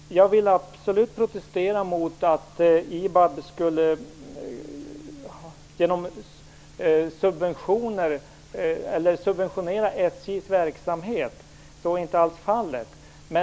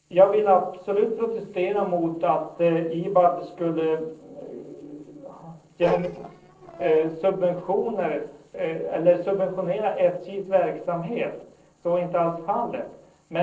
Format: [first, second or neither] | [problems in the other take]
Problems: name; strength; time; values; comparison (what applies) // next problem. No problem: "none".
first | noise reduction (neural separator model SepFormer DNS4)